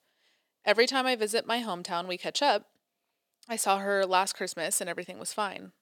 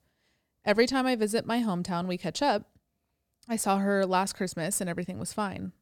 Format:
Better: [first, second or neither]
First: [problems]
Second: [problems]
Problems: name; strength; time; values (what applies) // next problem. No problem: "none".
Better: second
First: thin; somewhat; fading below 400 Hz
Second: none